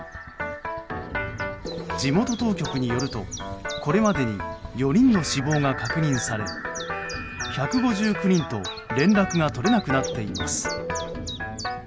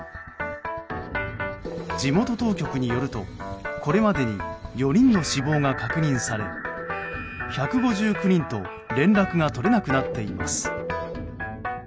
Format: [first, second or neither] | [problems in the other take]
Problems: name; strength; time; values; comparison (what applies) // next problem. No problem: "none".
second | background sound (Chirp, tweet); 17 dB below the speech